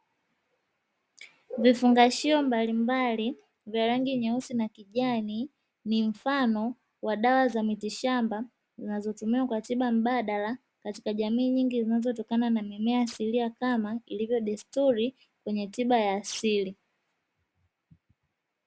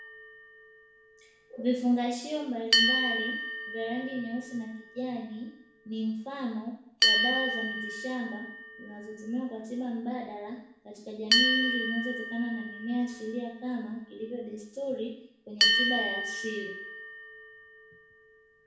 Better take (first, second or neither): first